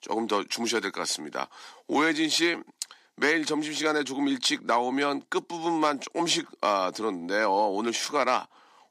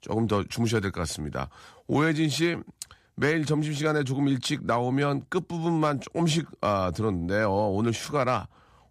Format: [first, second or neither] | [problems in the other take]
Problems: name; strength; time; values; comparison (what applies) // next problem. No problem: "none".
second | thin; somewhat; fading below 250 Hz